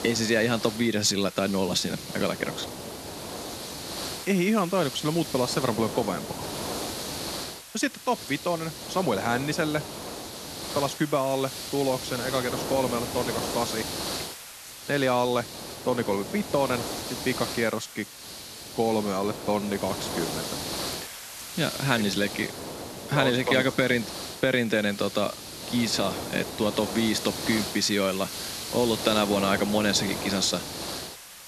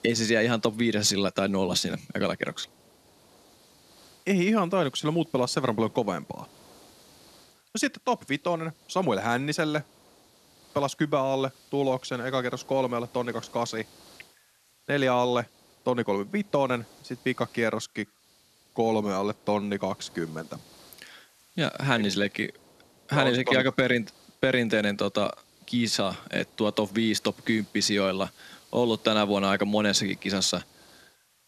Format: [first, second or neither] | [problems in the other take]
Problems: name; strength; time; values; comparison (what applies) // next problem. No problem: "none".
second | hiss; loud; throughout; 7 dB below the speech; faint in the second